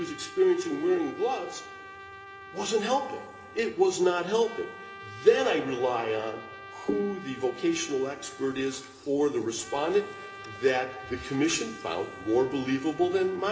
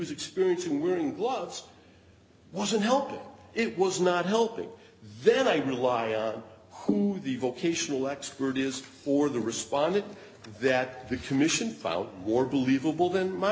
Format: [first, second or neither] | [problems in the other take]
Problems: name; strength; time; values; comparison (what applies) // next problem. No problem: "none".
second | background sound (Trumpet); 16 dB below the speech // room echo; dies away in 2.6 s